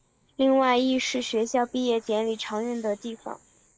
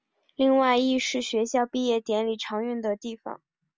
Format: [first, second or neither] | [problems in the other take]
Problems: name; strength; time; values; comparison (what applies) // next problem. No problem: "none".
second | noise reduction (neural mask model Resemble Enhance denoiser)